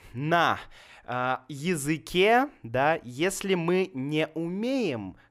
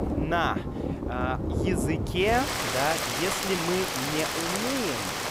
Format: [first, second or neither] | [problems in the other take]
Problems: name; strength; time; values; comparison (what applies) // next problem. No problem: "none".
first | rain or running water; very loud; throughout; 1 dB above the speech